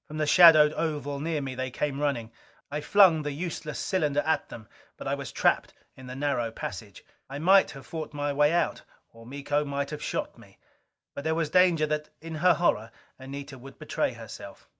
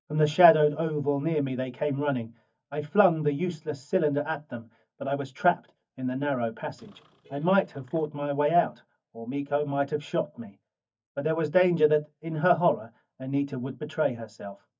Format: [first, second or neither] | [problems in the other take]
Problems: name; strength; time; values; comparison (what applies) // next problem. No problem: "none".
first | noise reduction (neural mask model DeepFilterNet 3)